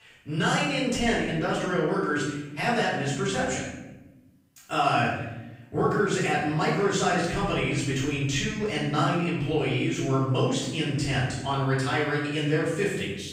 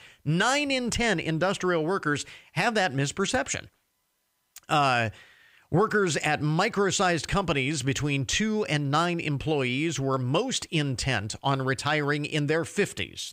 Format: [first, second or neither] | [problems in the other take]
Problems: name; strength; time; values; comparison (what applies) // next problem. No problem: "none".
second | off-mic speech; far // room echo; noticeable; dies away in 0.9 s